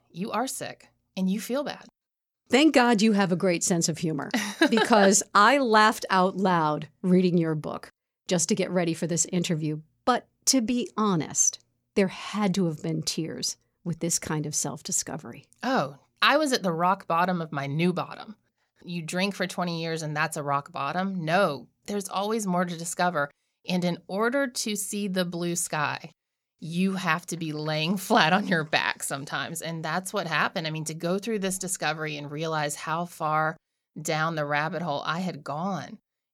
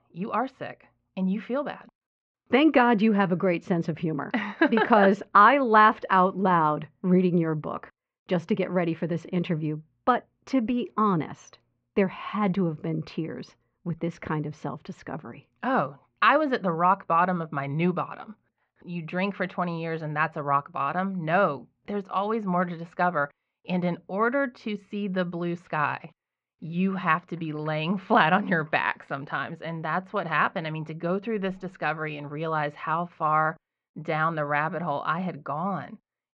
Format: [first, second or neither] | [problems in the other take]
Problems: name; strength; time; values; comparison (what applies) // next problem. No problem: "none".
first | muffled; very; fading above 2.5 kHz